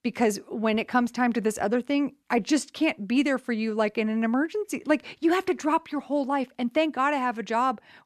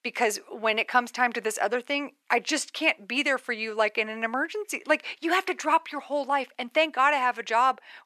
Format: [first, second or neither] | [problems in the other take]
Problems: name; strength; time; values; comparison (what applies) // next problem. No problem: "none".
first | thin; somewhat; fading below 550 Hz